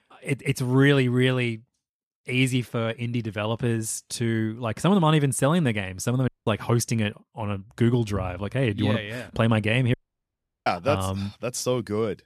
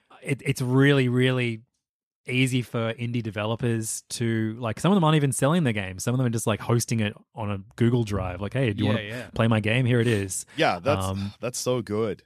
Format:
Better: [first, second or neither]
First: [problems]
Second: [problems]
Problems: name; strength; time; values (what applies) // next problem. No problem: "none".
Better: second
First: audio cutting out; at 6.5 s and at 10 s for 0.5 s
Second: none